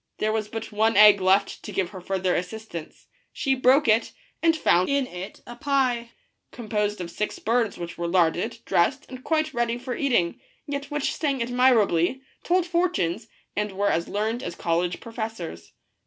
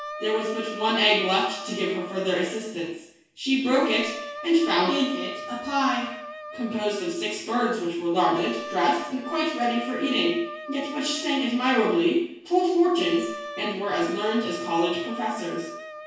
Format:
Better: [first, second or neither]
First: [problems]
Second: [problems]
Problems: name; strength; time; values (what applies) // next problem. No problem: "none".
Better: first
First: none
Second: background sound (Wind instrument, woodwind instrument); 12 dB below the speech // room echo; dies away in 0.6 s